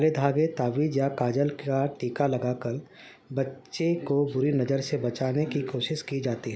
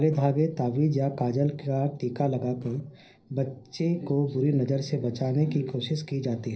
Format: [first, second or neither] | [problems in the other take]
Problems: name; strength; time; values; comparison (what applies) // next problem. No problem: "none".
first | noise reduction (neural separator model SepFormer DNS4)